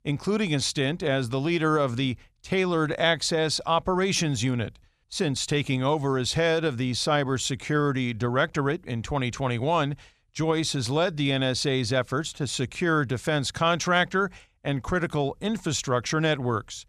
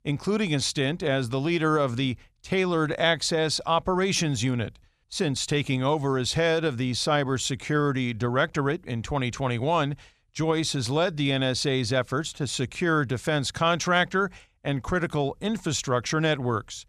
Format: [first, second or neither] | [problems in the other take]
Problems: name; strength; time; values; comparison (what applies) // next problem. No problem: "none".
neither | none